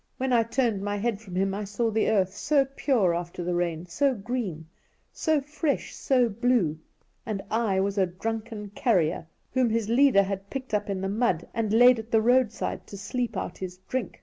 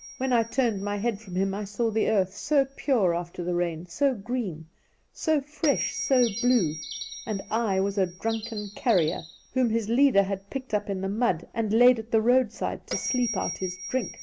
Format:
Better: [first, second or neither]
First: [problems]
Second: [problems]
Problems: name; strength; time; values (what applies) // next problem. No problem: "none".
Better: first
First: none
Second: background sound (Bell + Bird); 14 dB below the speech